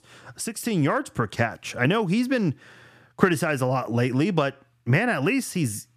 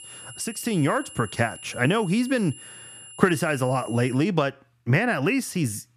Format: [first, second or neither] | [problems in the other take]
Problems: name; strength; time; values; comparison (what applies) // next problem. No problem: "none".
first | high-pitched whine; noticeable; until 4 s; 3 kHz, 15 dB below the speech